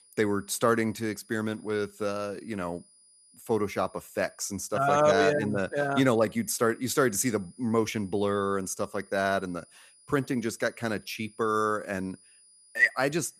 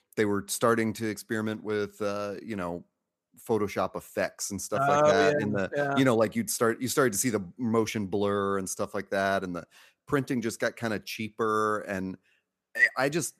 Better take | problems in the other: second | high-pitched whine; faint; throughout; 9.5 kHz, 30 dB below the speech

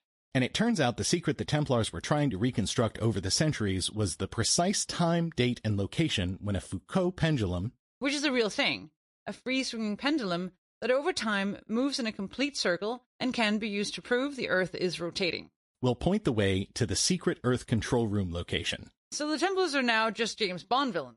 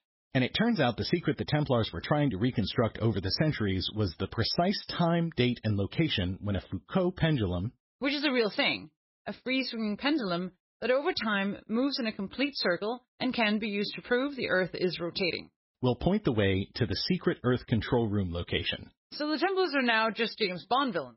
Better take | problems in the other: first | garbled, watery; badly; nothing above 5.5 kHz; slightly in the first

